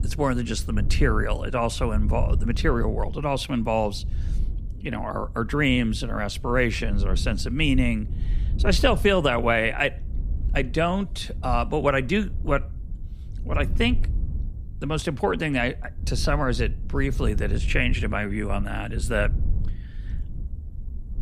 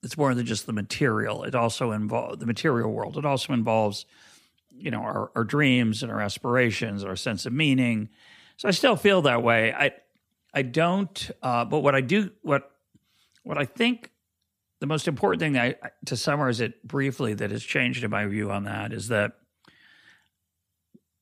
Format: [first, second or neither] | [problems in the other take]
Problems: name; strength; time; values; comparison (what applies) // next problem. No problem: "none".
second | wind noise on the microphone; occasional gusts; 20 dB below the speech